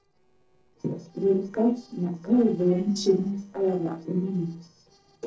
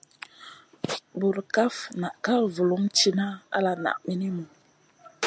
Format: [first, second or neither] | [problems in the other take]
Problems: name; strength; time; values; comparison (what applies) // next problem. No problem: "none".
second | noise reduction (neural separator model SepFormer DNS4)